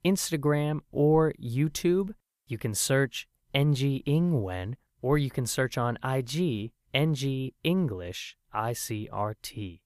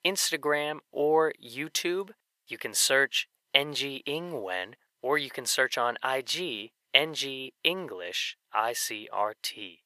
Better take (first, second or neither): first